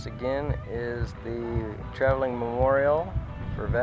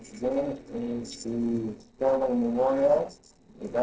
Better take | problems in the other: first | noise reduction (neural separator model SepFormer DNS4)

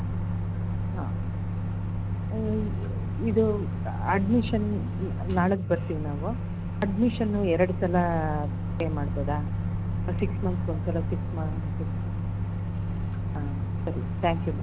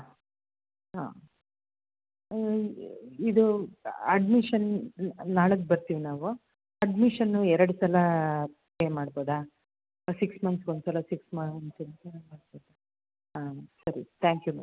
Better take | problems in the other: second | background sound (Microwave oven); 1 dB above the speech

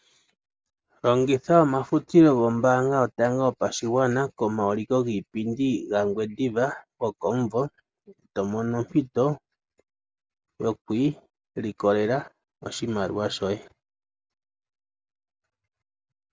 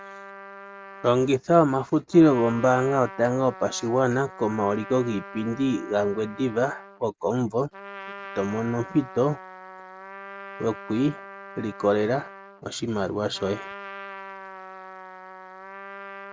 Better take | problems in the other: first | background sound (Trumpet); 16 dB below the speech

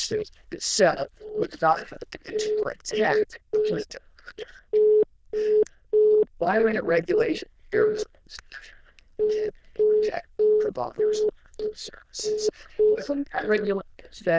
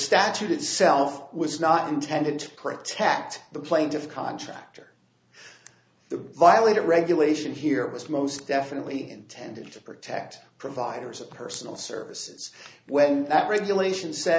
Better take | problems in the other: second | noise reduction (neural diffusion model UNIVERSE++)

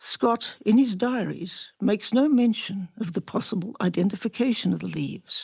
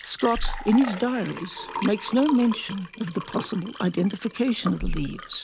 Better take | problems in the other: first | background sound (Liquid); 8 dB below the speech

